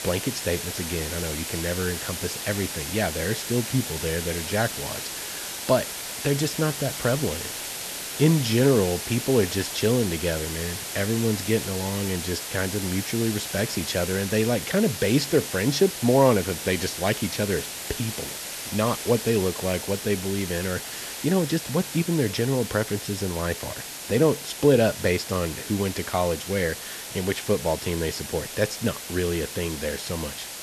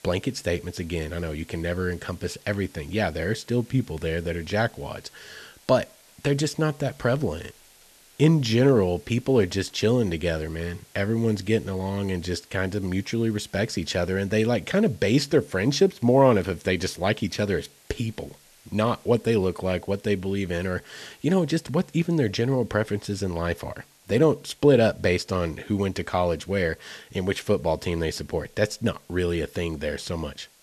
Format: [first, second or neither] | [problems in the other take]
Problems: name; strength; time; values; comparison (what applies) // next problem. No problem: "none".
second | hiss; loud; throughout; 6 dB below the speech; faint in the second